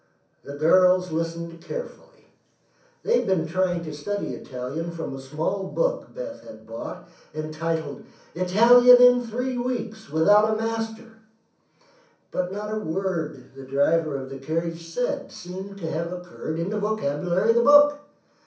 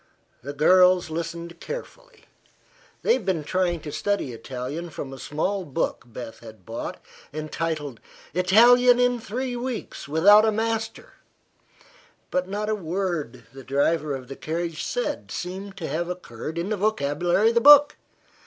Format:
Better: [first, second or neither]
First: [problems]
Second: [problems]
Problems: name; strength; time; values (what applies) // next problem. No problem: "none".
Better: second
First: room echo; dies away in 0.6 s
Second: none